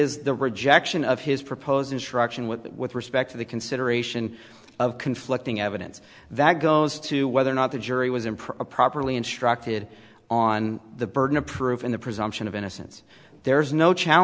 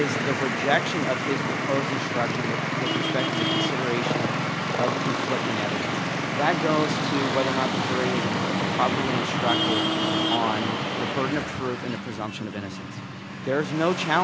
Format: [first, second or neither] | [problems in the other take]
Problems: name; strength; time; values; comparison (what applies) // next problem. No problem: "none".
first | background sound (Traffic noise, roadway noise); 3 dB above the speech